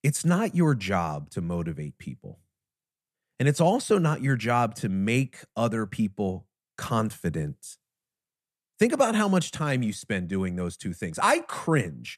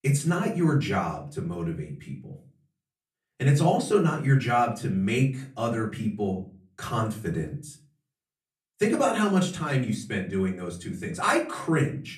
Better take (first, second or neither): first